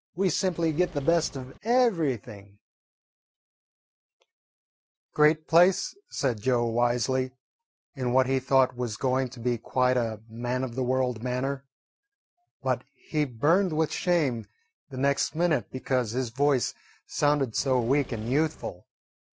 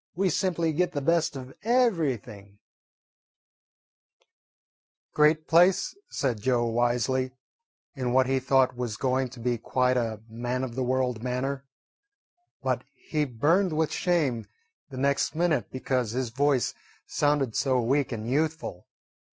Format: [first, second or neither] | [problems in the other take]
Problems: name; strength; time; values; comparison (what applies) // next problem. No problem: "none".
second | background sound (Engine / Mechanisms); 19 dB below the speech